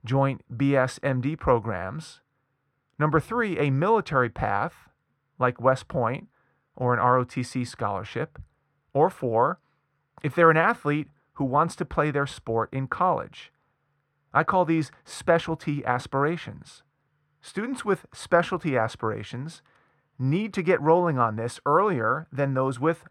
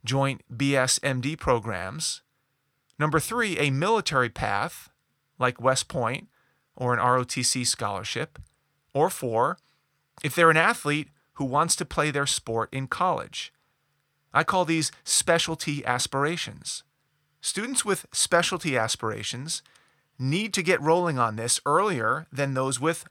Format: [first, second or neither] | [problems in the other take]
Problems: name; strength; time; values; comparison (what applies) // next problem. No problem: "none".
second | muffled; very; fading above 2.5 kHz